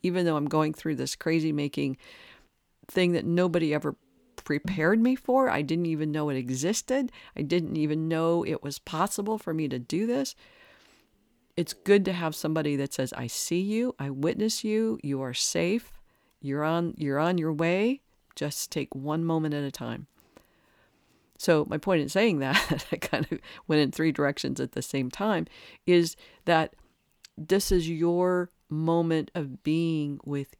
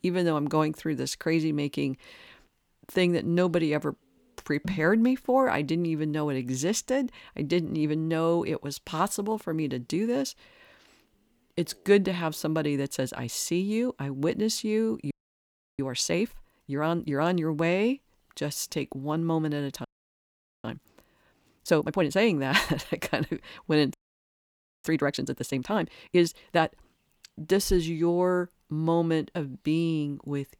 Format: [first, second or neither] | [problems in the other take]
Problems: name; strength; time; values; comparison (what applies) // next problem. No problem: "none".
first | audio freezing; at 15 s for 0.5 s, at 20 s for 1 s and at 24 s for 1 s